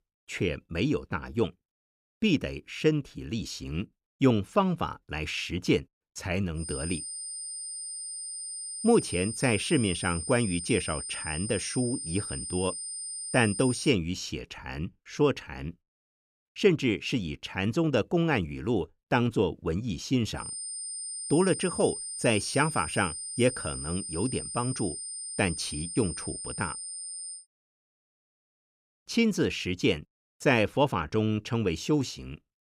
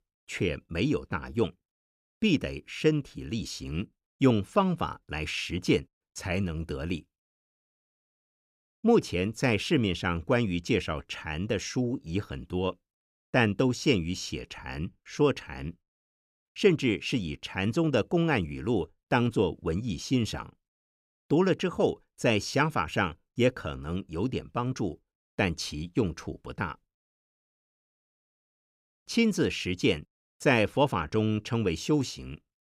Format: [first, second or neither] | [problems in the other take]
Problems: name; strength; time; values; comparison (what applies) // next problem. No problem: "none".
second | high-pitched whine; loud; from 6.5 to 14 s and from 20 to 27 s; 9 kHz, 6 dB below the speech